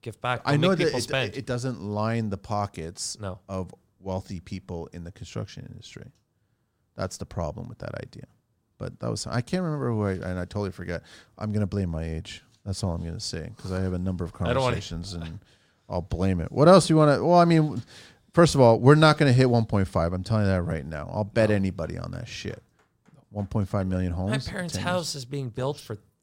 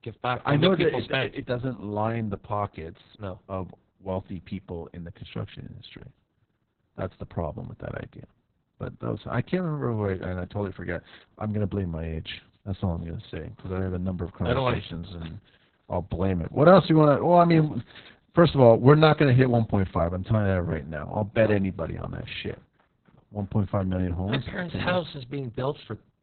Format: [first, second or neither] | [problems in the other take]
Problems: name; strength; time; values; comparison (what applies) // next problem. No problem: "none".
first | garbled, watery; badly; nothing above 4 kHz